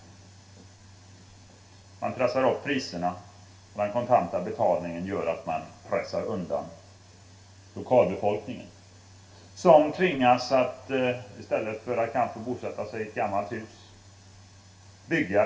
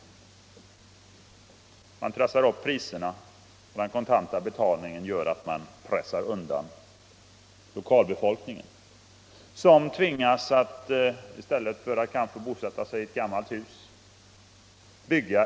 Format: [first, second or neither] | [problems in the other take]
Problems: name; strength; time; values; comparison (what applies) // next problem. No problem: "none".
second | room echo; dies away in 0.3 s